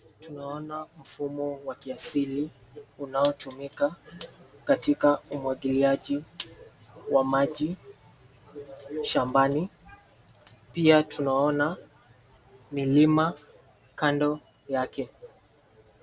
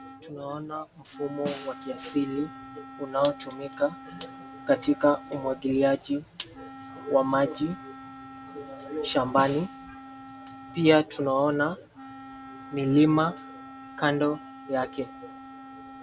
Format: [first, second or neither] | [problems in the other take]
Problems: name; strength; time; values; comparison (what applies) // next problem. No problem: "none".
first | background sound (Snare drum + Wind instrument, woodwind instrument); 16 dB below the speech